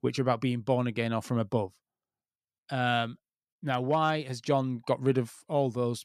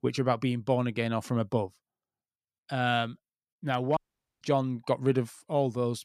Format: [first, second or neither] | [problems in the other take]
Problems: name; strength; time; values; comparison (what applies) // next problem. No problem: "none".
first | audio cutting out; at 4 s